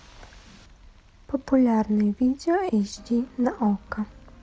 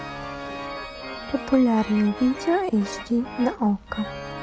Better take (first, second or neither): first